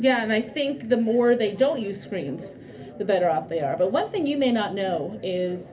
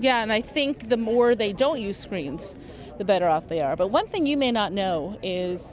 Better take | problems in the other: second | room echo; dies away in 0.3 s

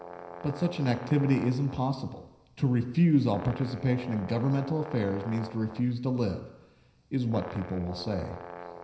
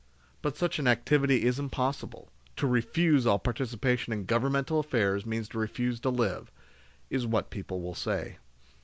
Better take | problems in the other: second | background sound (Brass instrument); 15 dB below the speech // room echo; dies away in 0.9 s

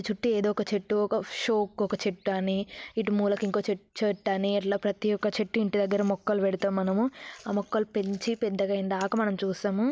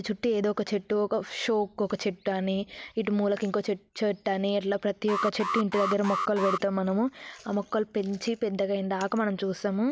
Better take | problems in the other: first | background sound (Alarm); 3 dB below the speech

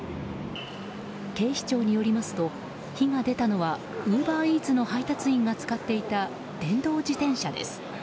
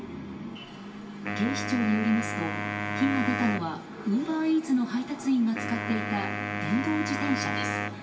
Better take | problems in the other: first | background sound (Wind instrument, woodwind instrument); 4 dB below the speech // room echo; dies away in 0.9 s

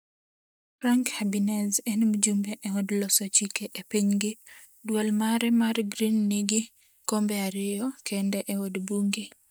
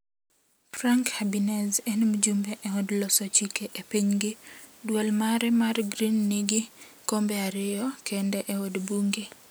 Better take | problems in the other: second | noise reduction (neural mask model DeepFilterNet 3)

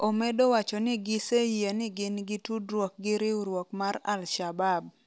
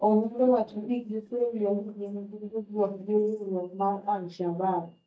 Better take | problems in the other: first | noise reduction (neural mask model DeepFilterNet 3)

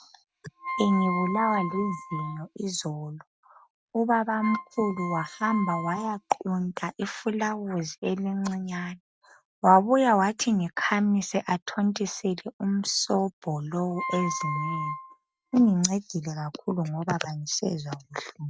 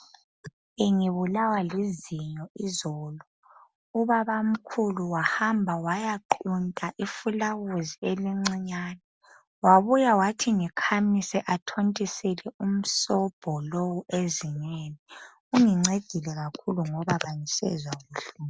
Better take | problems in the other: second | noise reduction (neural mask model RNNoise)

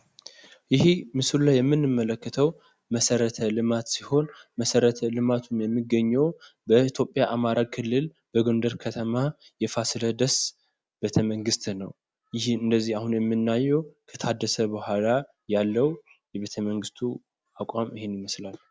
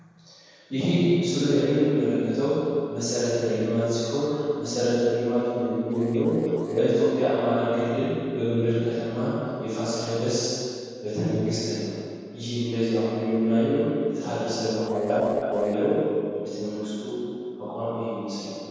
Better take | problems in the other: first | noise reduction (neural separator model SepFormer DNS4)

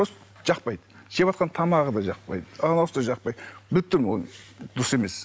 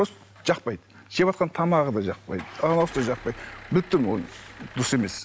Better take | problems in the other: first | background sound (Engine starting / Car); 17 dB below the speech

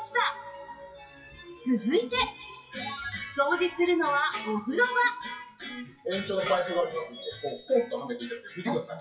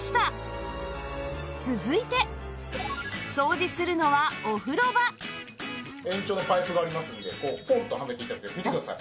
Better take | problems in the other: second | noise reduction (classical method WPE with log-MMSE)

